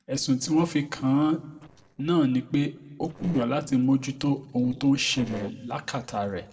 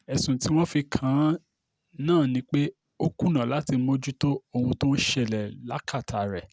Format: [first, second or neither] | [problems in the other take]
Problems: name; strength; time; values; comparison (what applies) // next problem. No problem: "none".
second | noise reduction (neural separator model SepFormer DNS4)